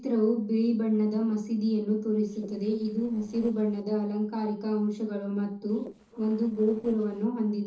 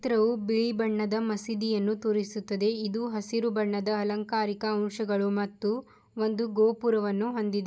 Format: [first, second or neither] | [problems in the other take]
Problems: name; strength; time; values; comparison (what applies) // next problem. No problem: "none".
second | noise reduction (neural separator model SepFormer DNS4)